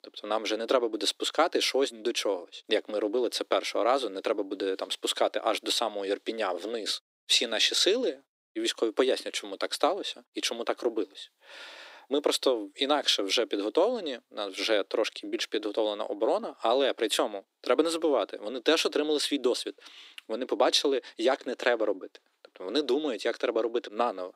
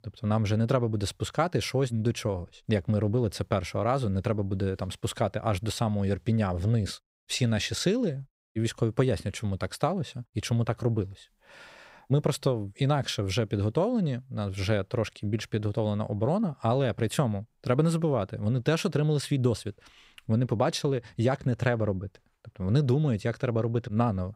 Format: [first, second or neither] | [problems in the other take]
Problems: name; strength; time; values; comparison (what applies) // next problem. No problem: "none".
second | thin; very; fading below 300 Hz